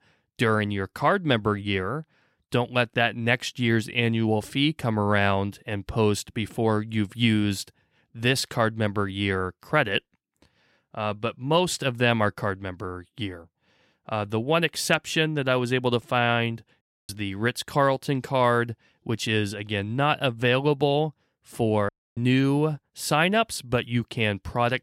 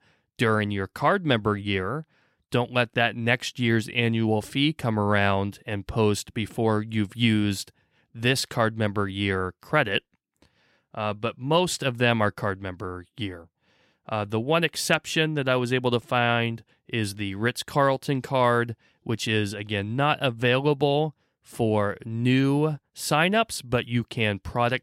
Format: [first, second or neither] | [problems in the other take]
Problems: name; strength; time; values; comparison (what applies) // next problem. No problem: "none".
second | audio cutting out; at 17 s and at 22 s